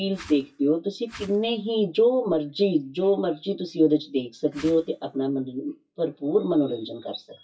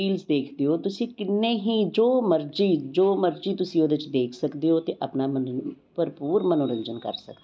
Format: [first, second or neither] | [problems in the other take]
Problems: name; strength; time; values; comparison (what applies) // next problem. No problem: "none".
second | noise reduction (classical method WPE with log-MMSE)